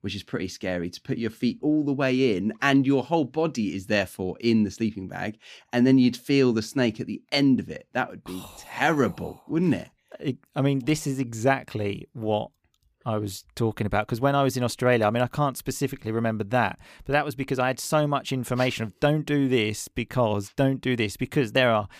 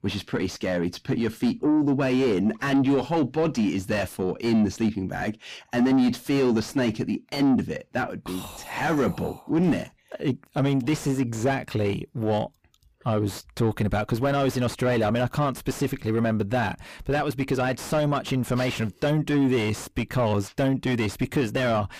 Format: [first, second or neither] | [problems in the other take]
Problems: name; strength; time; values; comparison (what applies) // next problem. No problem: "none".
first | distortion; heavy; 7 dB below the speech